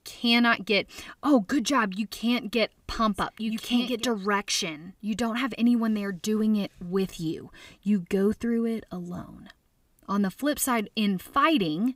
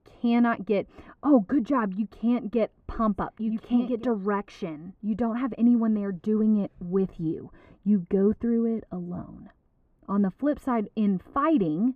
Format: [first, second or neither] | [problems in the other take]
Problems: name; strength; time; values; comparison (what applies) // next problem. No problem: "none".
first | muffled; very; fading above 2.5 kHz